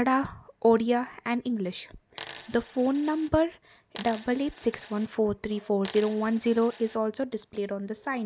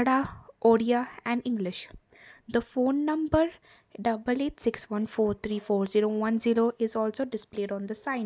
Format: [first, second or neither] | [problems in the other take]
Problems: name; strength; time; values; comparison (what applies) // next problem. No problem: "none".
second | background sound (Coin (dropping)); 18 dB below the speech